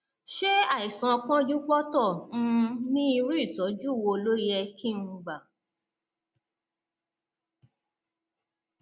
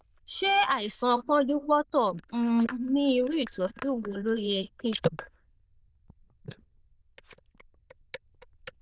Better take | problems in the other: first | noise reduction (neural diffusion model UNIVERSE++)

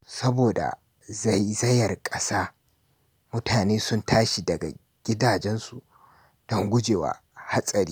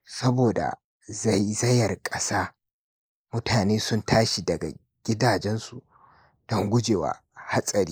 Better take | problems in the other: first | noise reduction (neural mask model Resemble Enhance denoiser)

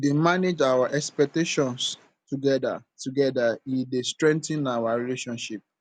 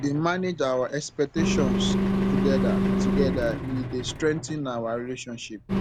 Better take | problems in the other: first | background sound (Engine); 1 dB above the speech

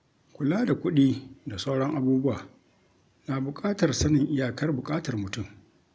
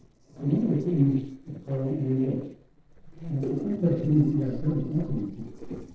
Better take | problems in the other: first | noise reduction (neural separator model SepFormer DNS4)

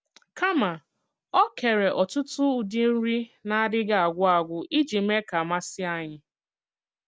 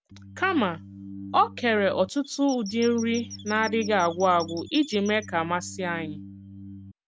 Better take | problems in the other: first | background sound (Organ + Squeak / Chirp, tweet); 14 dB below the speech

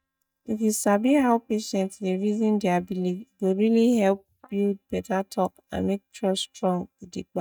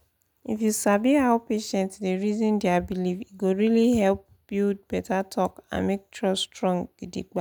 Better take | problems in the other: second | noise reduction (neural mask model DeepFilterNet 3)

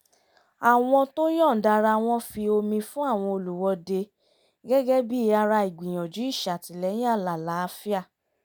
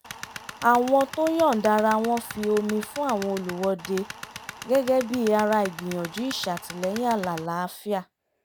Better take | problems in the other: first | background sound (Tools); 14 dB below the speech

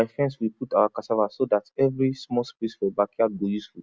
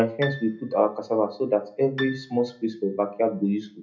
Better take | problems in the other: first | background sound (Piano); 16 dB below the speech // room echo; dies away in 0.3 s

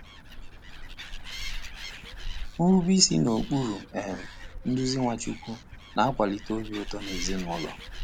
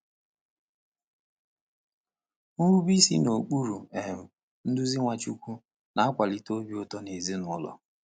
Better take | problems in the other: second | background sound (Animal); 9 dB below the speech

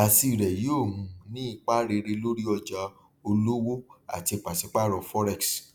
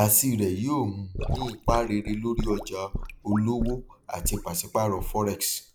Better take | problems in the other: first | noise reduction (neural mask model Resemble Enhance denoiser)

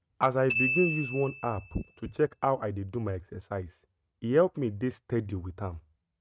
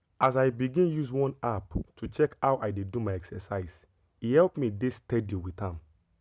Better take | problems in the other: second | noise reduction (neural mask model RNNoise)

